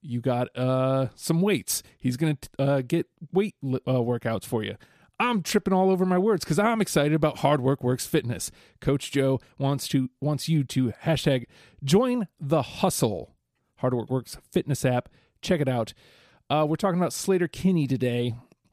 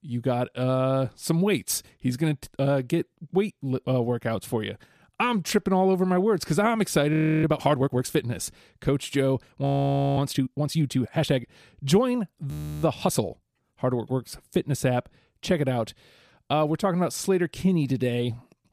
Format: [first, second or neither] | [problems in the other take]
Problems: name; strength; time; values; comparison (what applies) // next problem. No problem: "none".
first | audio freezing; at 7 s, at 9.5 s for 0.5 s and at 13 s